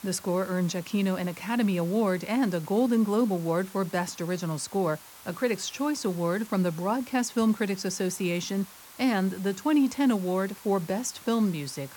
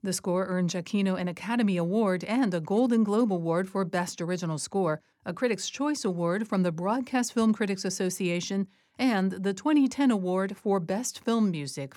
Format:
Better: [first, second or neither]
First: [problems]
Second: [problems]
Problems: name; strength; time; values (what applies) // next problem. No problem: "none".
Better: second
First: hiss; noticeable; throughout; 20 dB below the speech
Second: none